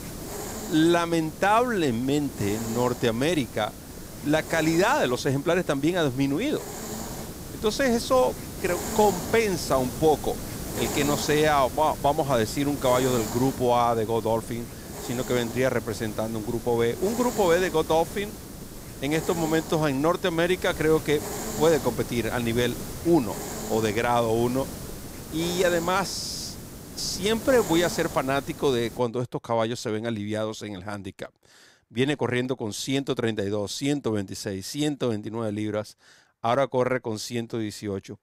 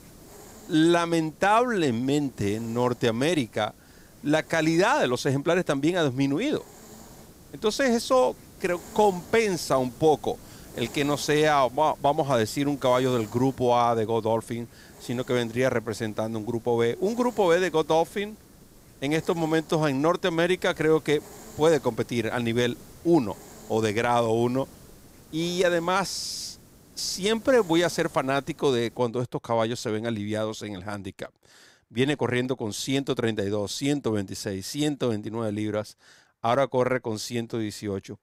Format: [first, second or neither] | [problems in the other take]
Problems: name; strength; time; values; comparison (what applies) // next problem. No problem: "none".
second | hiss; loud; until 29 s; 10 dB below the speech; faint in the second